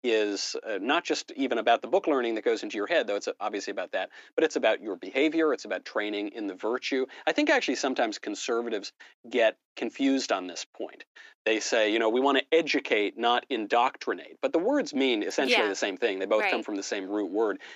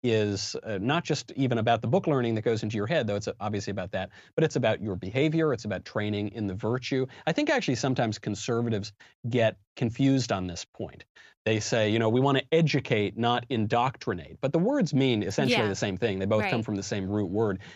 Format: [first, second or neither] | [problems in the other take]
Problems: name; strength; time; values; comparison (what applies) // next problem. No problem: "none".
second | thin; somewhat; fading below 300 Hz